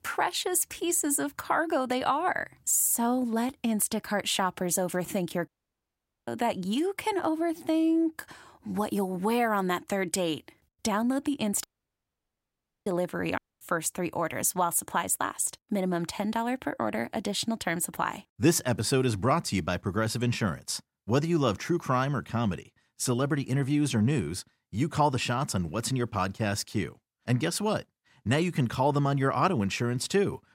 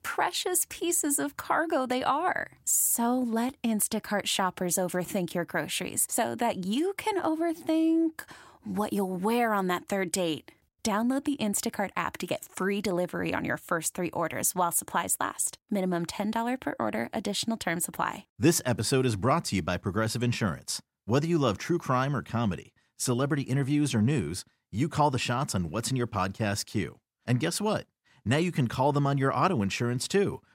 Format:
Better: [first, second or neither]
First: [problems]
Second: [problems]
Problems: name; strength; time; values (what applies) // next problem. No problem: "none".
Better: second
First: audio cutting out; at 5.5 s for 1 s, at 12 s for 1 s and at 13 s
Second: none